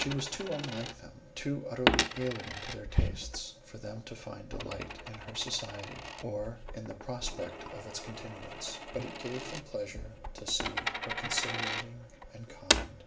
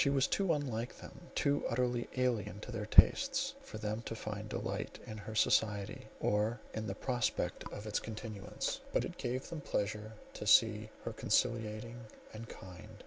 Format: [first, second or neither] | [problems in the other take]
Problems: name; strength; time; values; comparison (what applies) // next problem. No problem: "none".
second | background sound (Coin (dropping)); 1 dB above the speech // room echo; dies away in 0.4 s